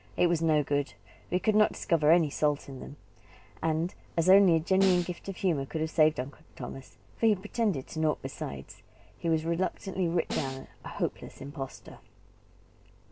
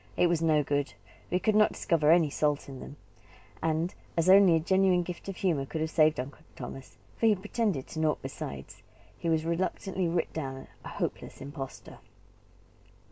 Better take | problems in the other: second | background sound (Snare drum); 11 dB below the speech

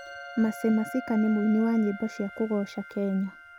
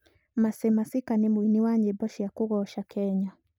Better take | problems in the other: second | background sound (Wind instrument, woodwind instrument + Musical instrument); 15 dB below the speech

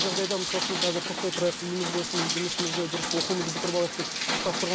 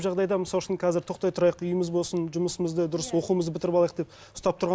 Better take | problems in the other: second | background sound (Rain); as loud as the speech

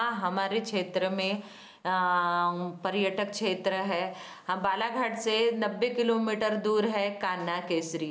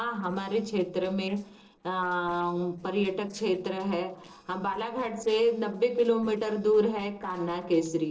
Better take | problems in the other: first | noise reduction (neural separator model SepFormer DNS4)

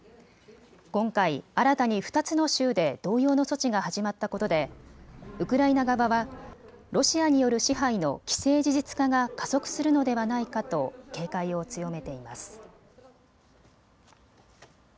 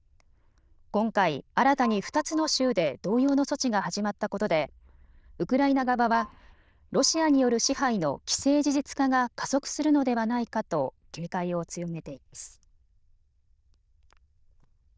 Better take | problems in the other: first | noise reduction (neural diffusion model UNIVERSE++)

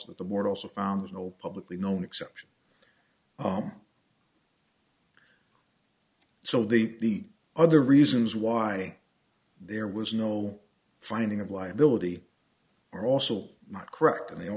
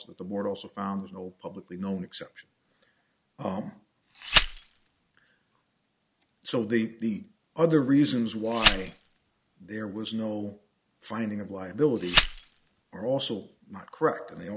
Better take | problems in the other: first | background sound (Glass); as loud as the speech

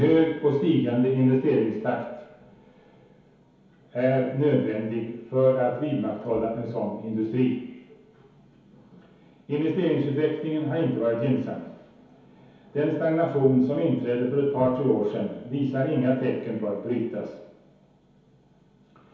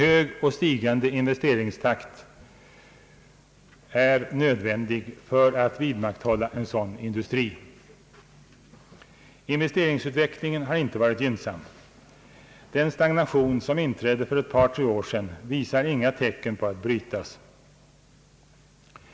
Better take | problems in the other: second | room echo; dies away in 2.2 s

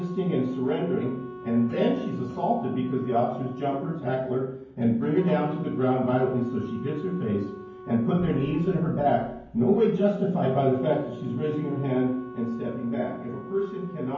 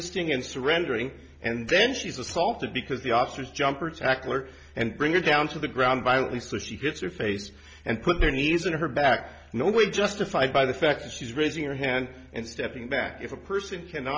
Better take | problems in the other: second | background sound (Wind instrument, woodwind instrument); 16 dB below the speech // room echo; dies away in 0.9 s

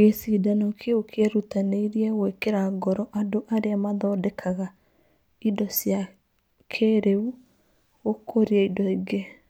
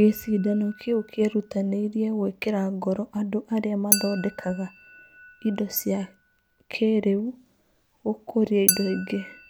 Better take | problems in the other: first | background sound (Chink, clink); 9 dB below the speech

